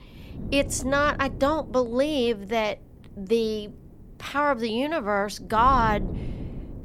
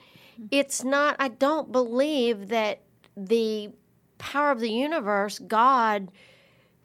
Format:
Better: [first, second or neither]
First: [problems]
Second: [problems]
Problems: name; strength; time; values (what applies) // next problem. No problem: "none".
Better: second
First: wind noise on the microphone; occasional gusts; 20 dB below the speech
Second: none